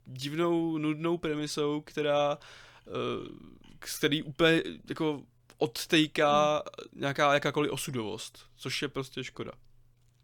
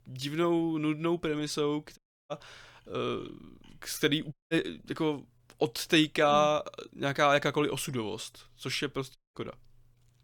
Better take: first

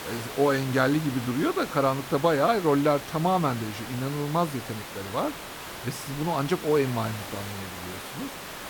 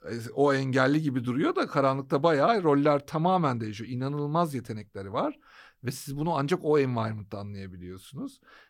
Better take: second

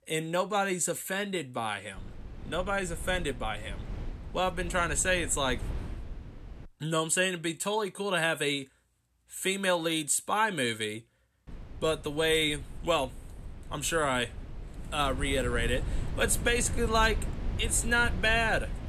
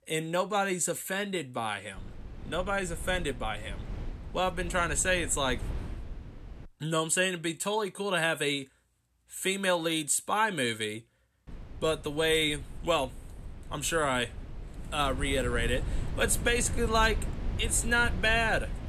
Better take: neither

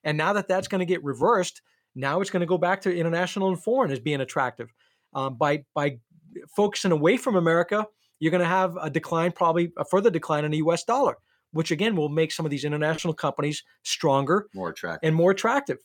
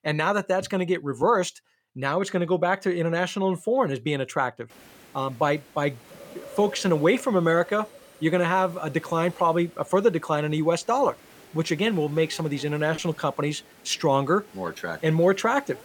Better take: first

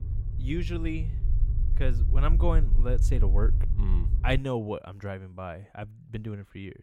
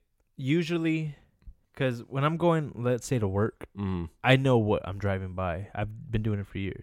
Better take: second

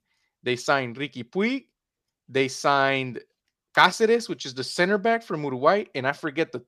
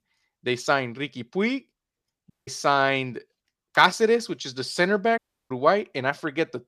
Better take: first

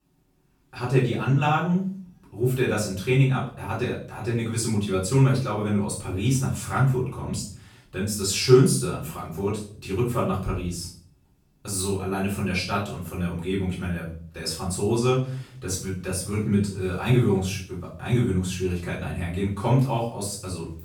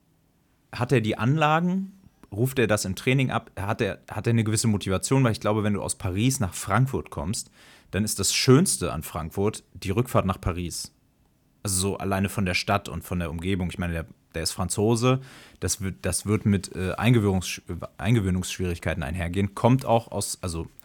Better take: second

